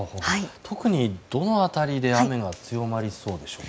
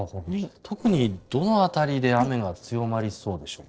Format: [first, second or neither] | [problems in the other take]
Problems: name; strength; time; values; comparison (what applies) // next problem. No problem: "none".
first | noise reduction (neural separator model SepFormer DNS4)